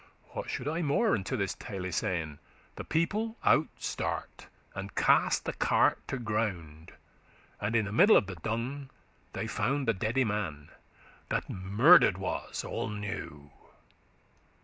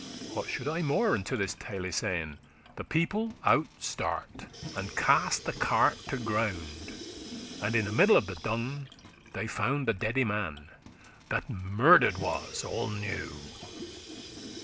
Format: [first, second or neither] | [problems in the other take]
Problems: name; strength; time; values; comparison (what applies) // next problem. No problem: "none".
first | background sound (Sink (filling or washing) / Water tap, faucet); 15 dB below the speech